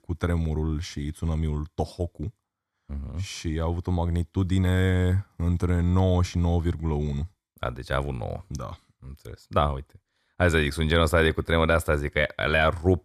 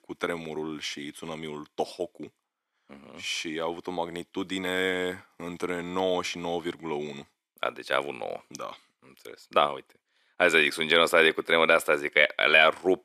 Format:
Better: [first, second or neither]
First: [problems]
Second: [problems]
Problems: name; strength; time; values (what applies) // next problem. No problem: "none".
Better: first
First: none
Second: thin; very; fading below 300 Hz